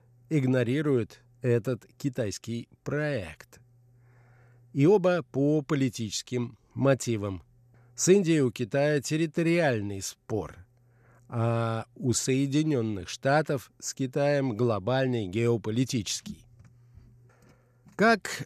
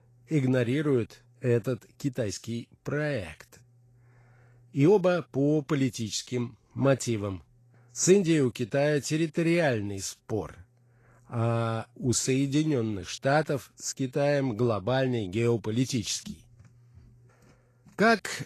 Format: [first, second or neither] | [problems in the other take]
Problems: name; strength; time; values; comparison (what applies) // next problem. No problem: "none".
first | garbled, watery; slightly; nothing above 12.5 kHz